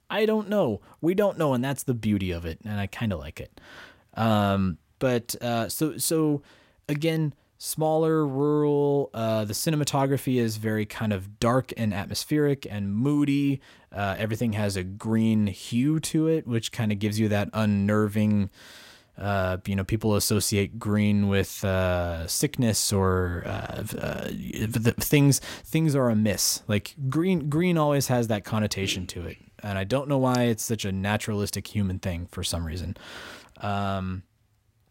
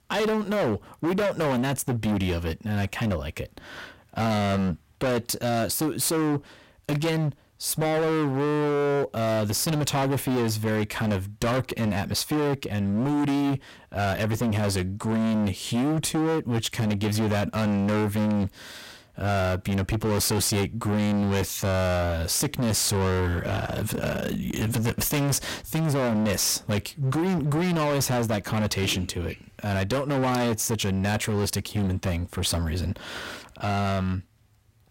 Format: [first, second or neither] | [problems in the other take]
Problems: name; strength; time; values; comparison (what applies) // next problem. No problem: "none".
first | distortion; heavy; 28% of the sound clipped